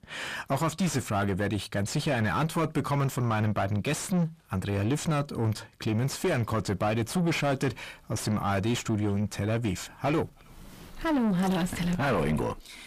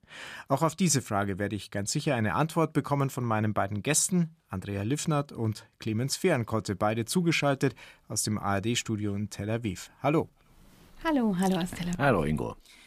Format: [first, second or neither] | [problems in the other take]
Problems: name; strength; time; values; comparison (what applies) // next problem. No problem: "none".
second | distortion; heavy; 6 dB below the speech